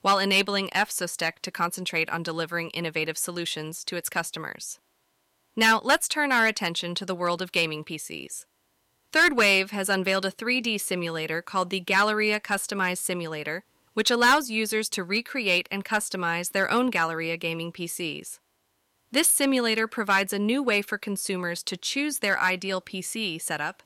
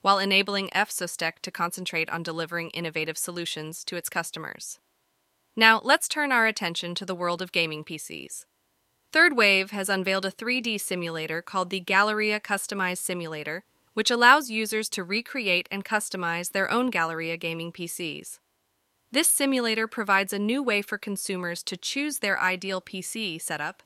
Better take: second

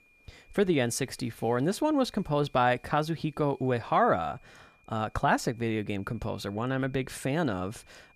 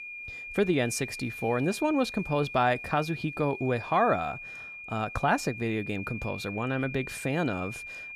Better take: first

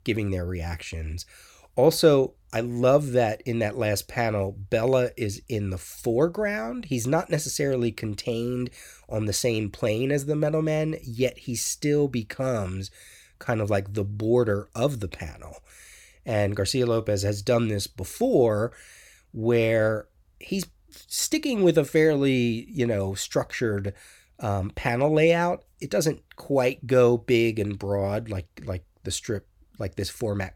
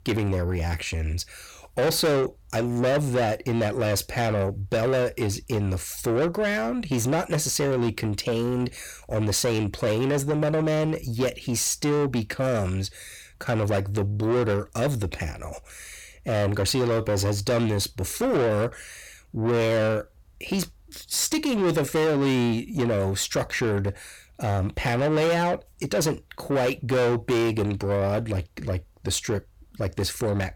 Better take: first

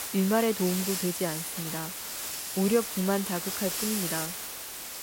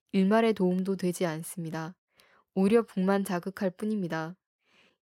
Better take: second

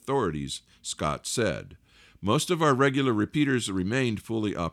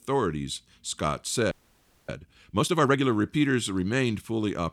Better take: first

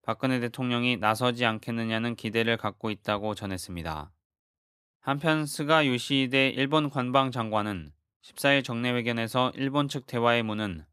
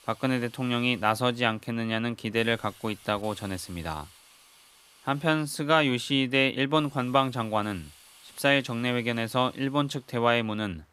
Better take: first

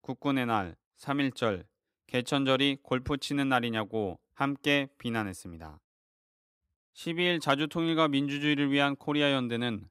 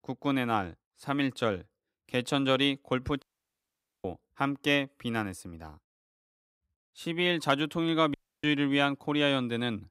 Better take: first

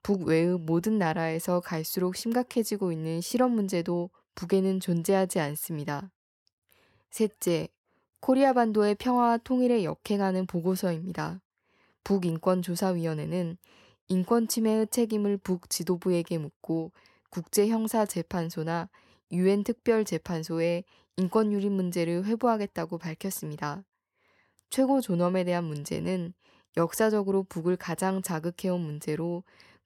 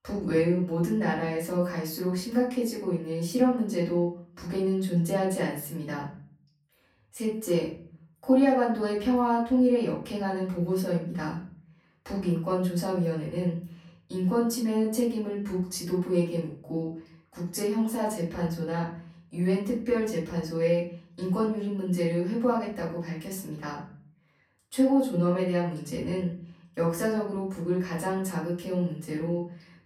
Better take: first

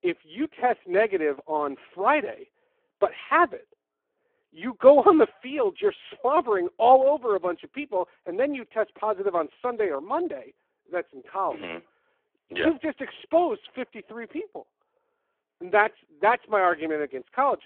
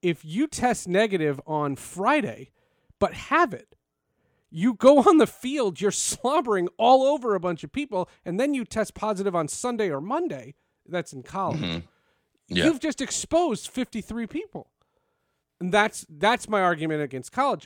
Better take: second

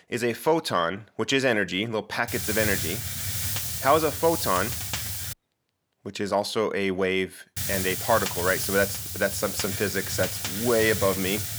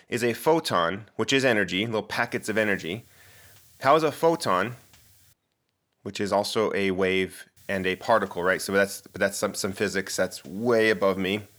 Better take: second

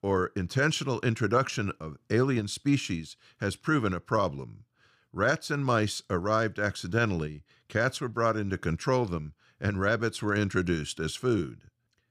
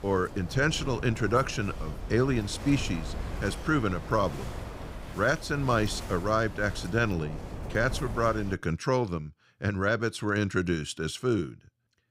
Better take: first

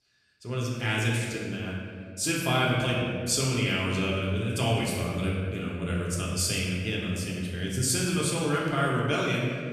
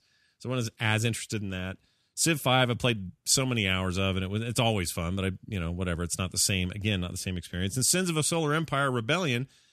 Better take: second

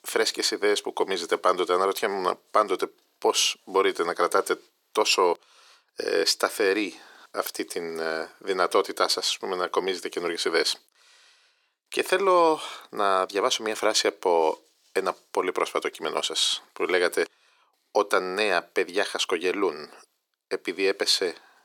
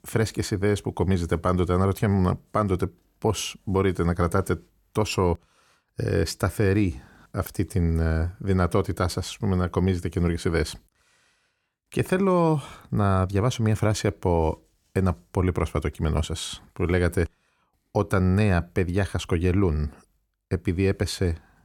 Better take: second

